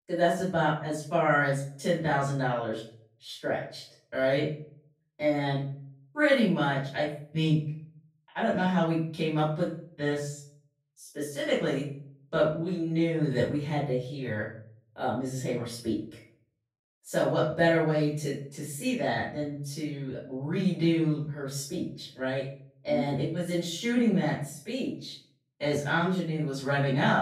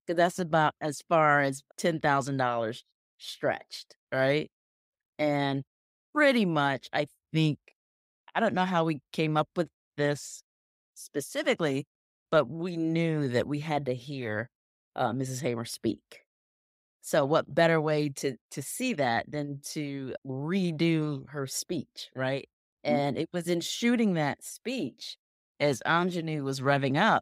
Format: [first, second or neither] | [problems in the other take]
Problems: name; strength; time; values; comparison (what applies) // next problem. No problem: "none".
second | room echo; noticeable; dies away in 0.5 s // off-mic speech; far